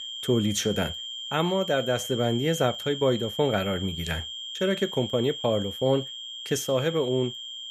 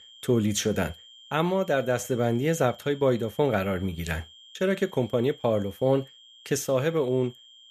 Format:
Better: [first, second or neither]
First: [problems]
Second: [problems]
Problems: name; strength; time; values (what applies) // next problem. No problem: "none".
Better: second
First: high-pitched whine; loud; throughout; 3 kHz, 7 dB below the speech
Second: high-pitched whine; faint; throughout; 3 kHz, 20 dB below the speech